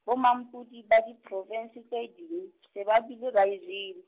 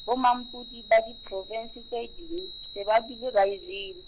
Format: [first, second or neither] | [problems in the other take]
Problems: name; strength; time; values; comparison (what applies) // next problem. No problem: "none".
first | background sound (Chime); 13 dB below the speech